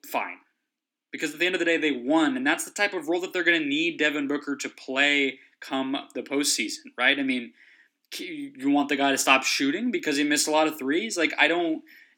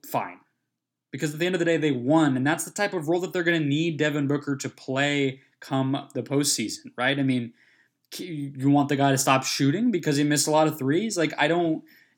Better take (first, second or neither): second